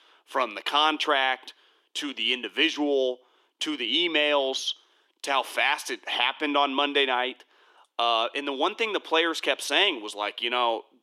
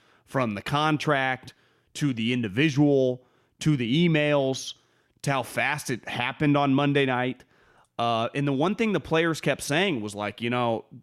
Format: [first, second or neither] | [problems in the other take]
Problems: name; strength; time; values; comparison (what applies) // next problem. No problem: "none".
second | thin; somewhat; fading below 300 Hz